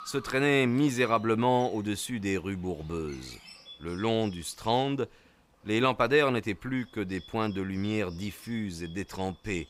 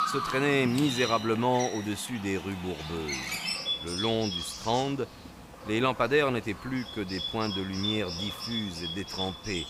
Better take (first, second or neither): first